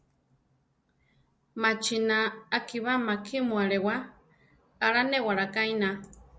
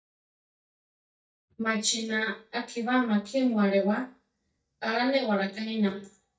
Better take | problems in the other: first | noise reduction (neural mask model DeepFilterNet 3)

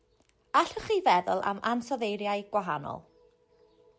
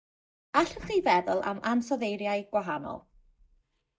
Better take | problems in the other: first | noise reduction (neural mask model DeepFilterNet 3)

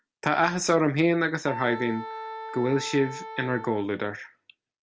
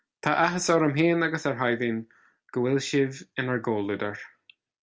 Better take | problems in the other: second | background sound (Wind instrument, woodwind instrument); 12 dB below the speech

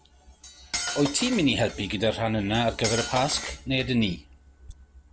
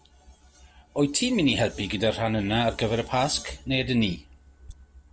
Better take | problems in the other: second | background sound (Cutlery, silverware); 9 dB below the speech

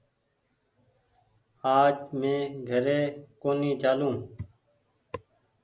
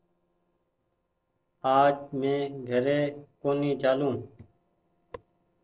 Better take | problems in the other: first | noise reduction (neural separator model SepFormer DNS4)

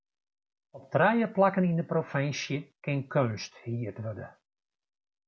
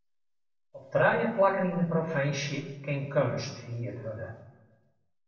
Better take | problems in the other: first | room echo; dies away in 0.9 s

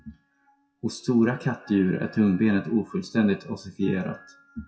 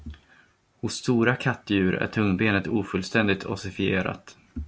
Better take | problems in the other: second | noise reduction (classical method WPE with log-MMSE)

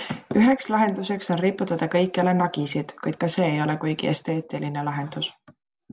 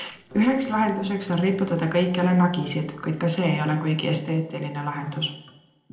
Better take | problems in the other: first | noise reduction (neural separator model SepFormer DNS4)

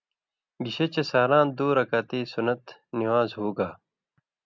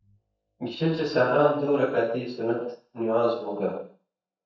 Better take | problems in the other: first | noise reduction (neural mask model DeepFilterNet 3)

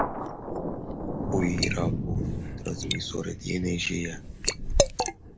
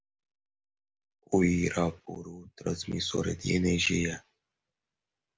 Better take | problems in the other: second | background sound (Liquid + Thunder); 3 dB above the speech

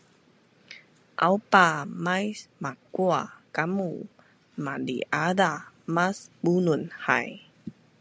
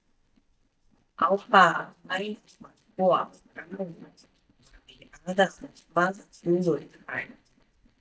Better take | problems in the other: first | noise reduction (neural mask model DeepFilterNet 3)

